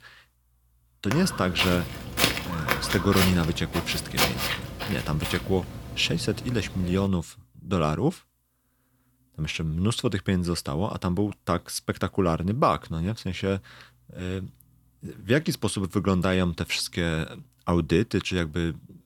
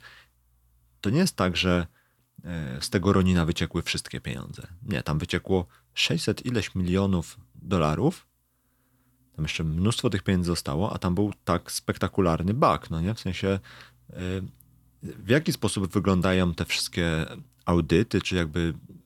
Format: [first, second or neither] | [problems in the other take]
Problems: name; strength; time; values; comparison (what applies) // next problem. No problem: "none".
second | footsteps; loud; from 1 to 7 s; peak 4 dB above the speech